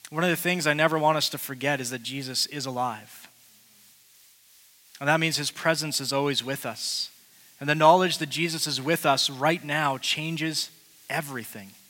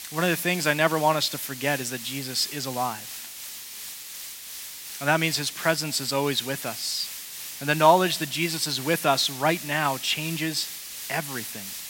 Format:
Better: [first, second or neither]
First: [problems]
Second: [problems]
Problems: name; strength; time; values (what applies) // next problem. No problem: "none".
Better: first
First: hiss; faint; throughout; 25 dB below the speech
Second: hiss; loud; throughout; 10 dB below the speech